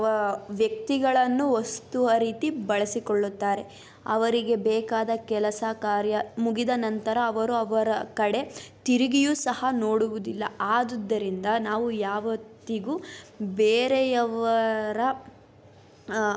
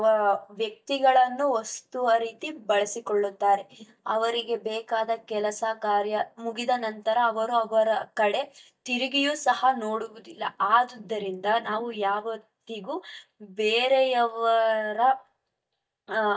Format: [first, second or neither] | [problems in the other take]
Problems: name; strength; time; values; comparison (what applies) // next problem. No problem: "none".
first | noise reduction (neural mask model DeepFilterNet 3)